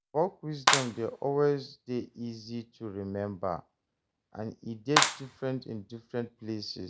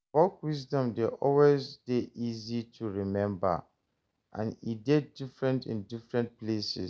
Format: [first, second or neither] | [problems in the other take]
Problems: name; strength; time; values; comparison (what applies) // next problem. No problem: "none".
second | background sound (Clapping); 2 dB above the speech